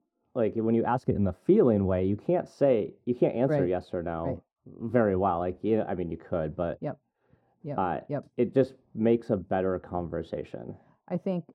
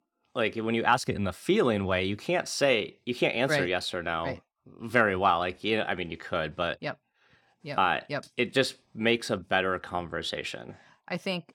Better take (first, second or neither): second